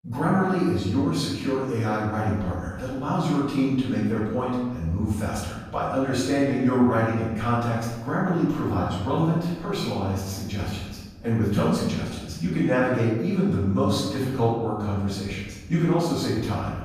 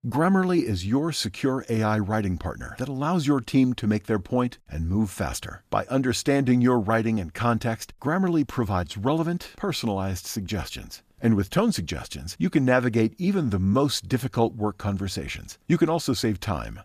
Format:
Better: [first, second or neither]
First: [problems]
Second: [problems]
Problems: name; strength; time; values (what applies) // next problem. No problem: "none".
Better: second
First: off-mic speech; far // room echo; strong; dies away in 1.1 s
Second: none